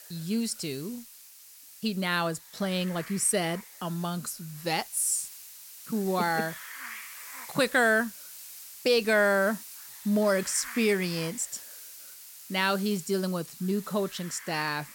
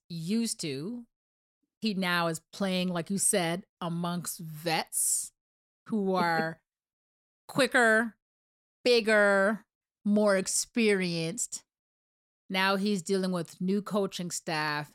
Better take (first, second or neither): second